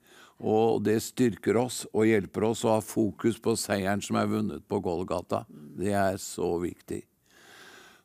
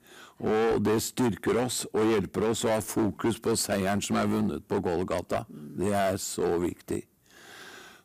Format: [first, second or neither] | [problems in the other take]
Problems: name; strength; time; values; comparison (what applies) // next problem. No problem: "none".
first | distortion; heavy; 12% of the sound clipped